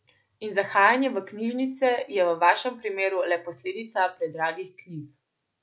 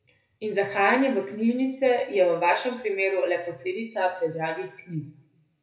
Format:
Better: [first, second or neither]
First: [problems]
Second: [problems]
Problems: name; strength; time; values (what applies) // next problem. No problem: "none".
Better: first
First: none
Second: room echo; dies away in 0.6 s